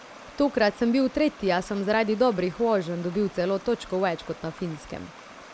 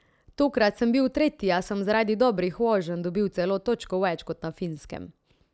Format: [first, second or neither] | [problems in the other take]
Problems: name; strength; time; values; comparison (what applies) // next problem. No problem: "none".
second | background sound (Stream); 19 dB below the speech